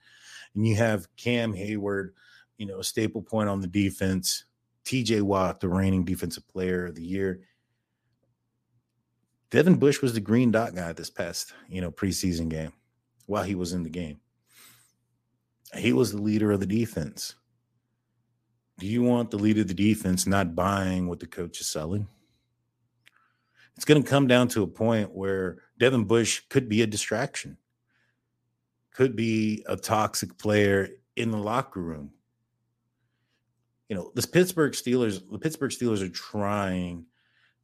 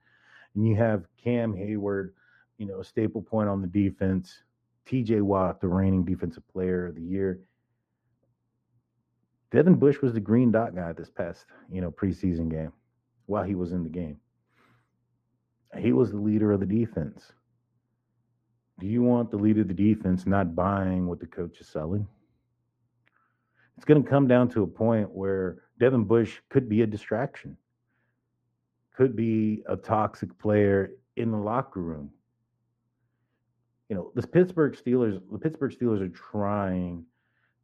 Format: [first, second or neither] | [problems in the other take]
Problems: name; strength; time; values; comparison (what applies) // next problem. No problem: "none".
first | muffled; very; fading above 3 kHz